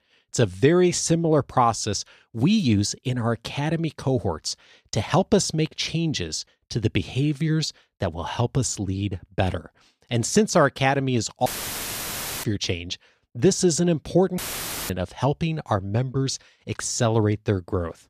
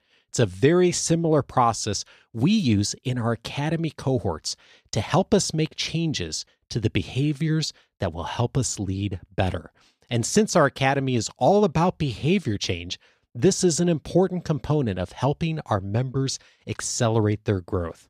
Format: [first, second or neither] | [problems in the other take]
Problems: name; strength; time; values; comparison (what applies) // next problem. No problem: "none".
second | audio cutting out; filled with static; at 11 s for 1 s and at 14 s for 0.5 s